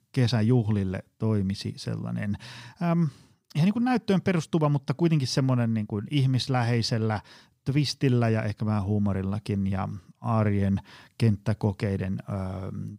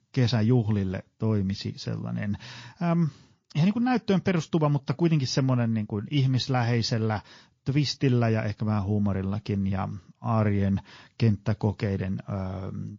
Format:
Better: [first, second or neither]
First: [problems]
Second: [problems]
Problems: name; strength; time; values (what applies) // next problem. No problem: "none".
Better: first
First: none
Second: garbled, watery; slightly; nothing above 6 kHz